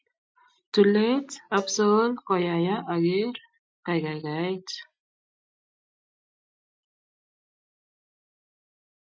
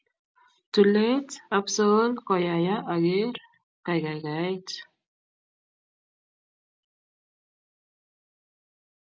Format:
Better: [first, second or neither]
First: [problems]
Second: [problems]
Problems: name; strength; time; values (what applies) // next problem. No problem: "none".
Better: second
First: noise reduction (classical method Wiener filter)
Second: none